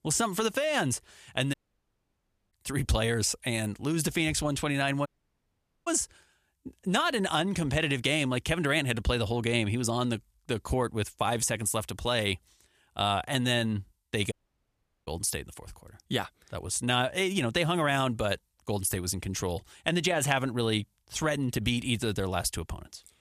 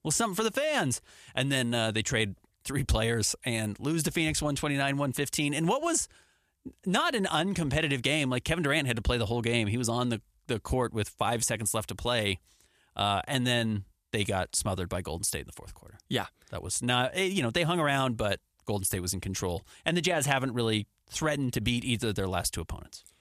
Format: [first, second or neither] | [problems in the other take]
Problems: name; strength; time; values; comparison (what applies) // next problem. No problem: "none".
second | audio cutting out; at 1.5 s for 1 s, at 5 s for 1 s and at 14 s for 1 s